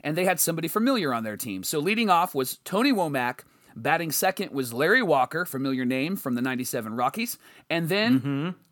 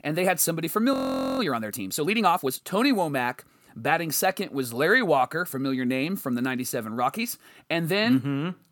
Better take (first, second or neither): first